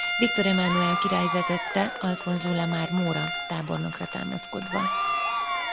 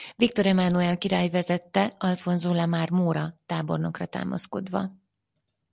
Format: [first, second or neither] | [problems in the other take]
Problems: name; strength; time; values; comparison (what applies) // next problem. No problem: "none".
second | background sound (Applause / Crowd / Cheering + Bowed string instrument); 2 dB below the speech